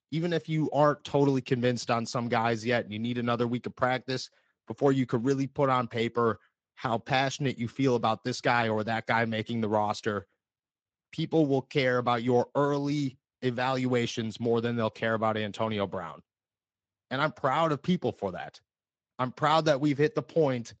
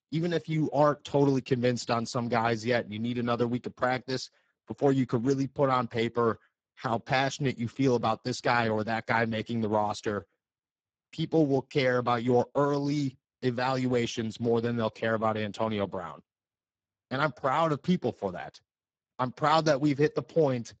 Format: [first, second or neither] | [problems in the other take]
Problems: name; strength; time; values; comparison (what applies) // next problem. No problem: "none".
first | garbled, watery; badly; nothing above 7.5 kHz; slightly in the first